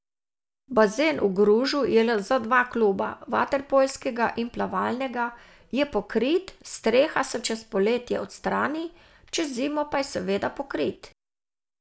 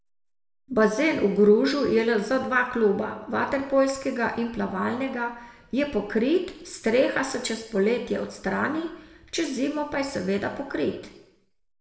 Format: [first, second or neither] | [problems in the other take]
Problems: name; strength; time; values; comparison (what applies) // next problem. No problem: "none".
first | room echo; dies away in 0.7 s